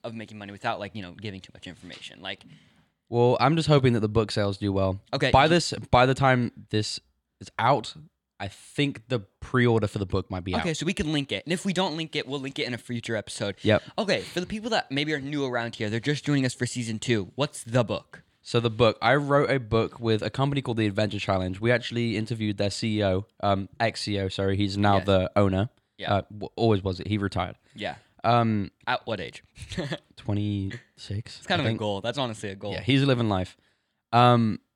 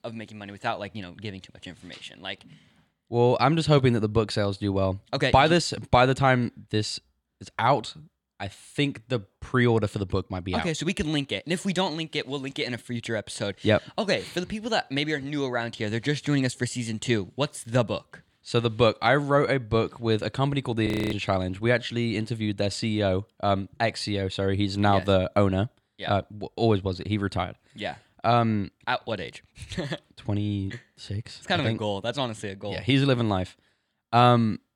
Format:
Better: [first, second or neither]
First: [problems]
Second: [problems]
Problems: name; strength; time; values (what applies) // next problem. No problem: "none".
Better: first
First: none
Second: audio freezing; at 21 s